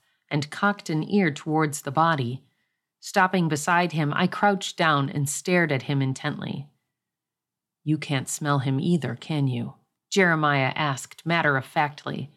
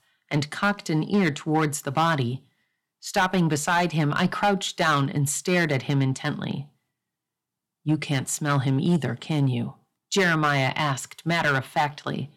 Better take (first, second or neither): first